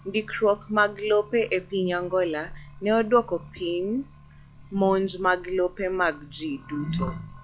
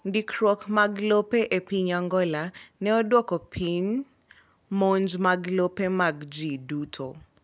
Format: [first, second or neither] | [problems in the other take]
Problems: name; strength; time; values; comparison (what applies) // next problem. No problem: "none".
second | noise reduction (classical method log-MMSE)